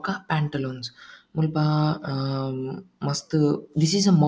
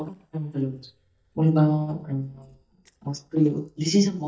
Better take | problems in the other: first | noise reduction (neural mask model DeepFilterNet 3)

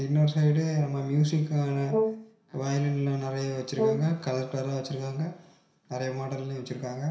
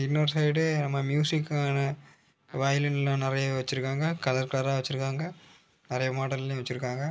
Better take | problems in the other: second | background sound (Brass instrument); 5 dB below the speech // room echo; dies away in 0.7 s

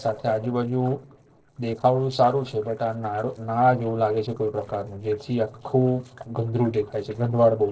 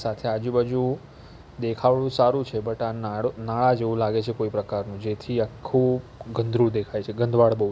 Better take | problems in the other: second | noise reduction (neural separator model SepFormer DNS4)

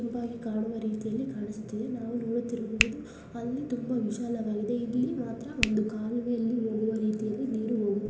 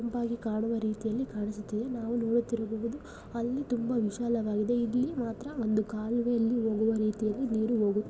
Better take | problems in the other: second | background sound (Hands); 10 dB below the speech // room echo; dies away in 0.8 s

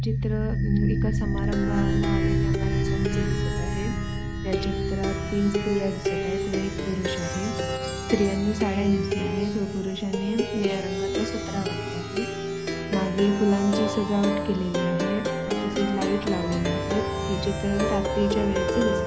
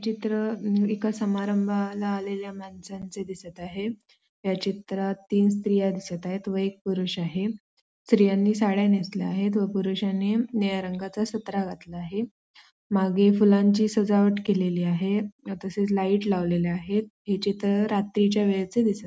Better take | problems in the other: second | background sound (Plucked string instrument); 1 dB above the speech

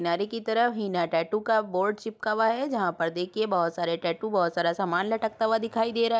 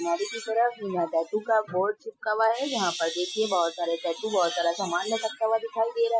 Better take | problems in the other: first | noise reduction (classical method Wiener filter)

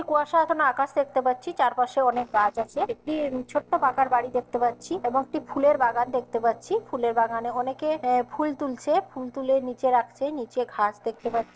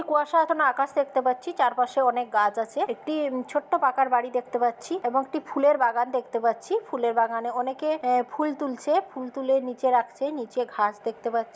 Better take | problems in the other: second | noise reduction (neural separator model SepFormer DNS4)

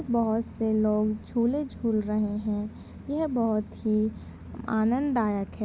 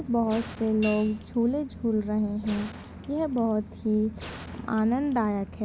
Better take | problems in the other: first | background sound (Hi-hat + Gunshot, gunfire); 18 dB below the speech

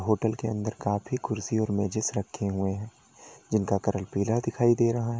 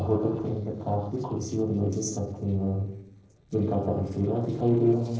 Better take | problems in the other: first | noise reduction (neural separator model SepFormer DNS4)

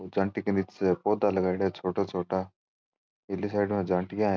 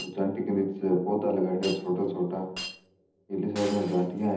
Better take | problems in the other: first | background sound (Shatter); 16 dB below the speech // room echo; dies away in 0.8 s

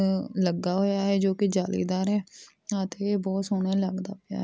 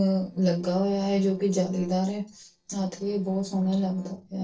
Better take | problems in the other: first | noise reduction (neural separator model SepFormer DNS4)

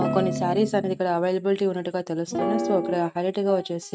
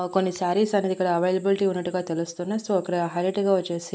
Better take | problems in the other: second | noise reduction (neural mask model RNNoise)

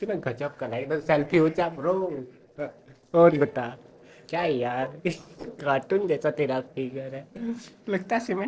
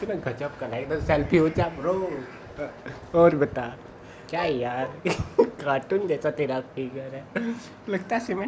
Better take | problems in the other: second | noise reduction (neural separator model SepFormer DNS4)

